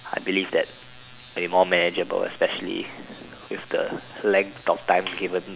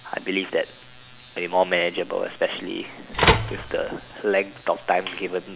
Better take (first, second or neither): first